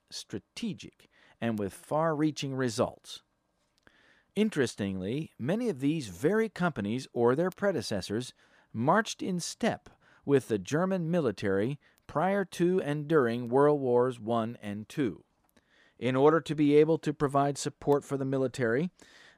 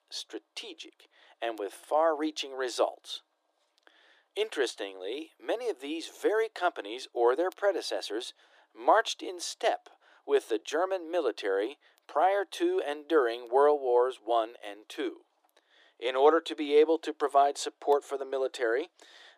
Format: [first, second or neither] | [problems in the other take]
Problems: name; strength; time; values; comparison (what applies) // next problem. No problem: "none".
first | thin; very; fading below 300 Hz